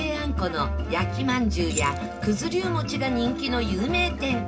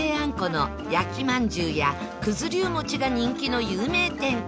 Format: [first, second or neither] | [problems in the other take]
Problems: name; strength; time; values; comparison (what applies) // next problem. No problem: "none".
second | background sound (Keys jangling); 14 dB below the speech // room echo; dies away in 0.4 s